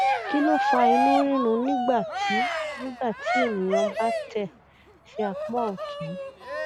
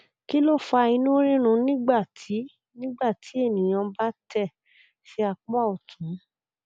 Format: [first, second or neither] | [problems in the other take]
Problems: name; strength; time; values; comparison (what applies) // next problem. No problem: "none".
second | background sound (Cheering); 1 dB above the speech